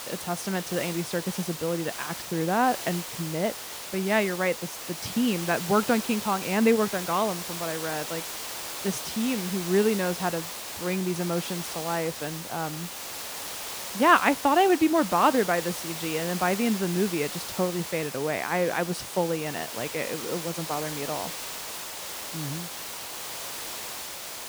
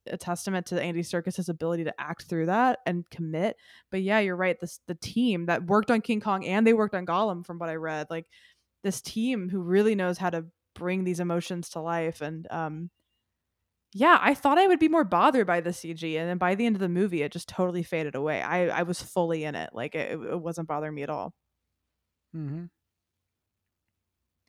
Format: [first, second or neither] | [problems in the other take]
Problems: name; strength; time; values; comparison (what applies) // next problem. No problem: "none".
second | hiss; loud; throughout; 7 dB below the speech